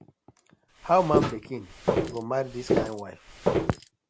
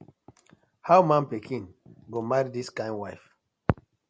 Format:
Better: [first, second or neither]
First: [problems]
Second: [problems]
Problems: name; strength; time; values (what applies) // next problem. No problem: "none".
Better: second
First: background sound (Walk, footsteps); 2 dB above the speech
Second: none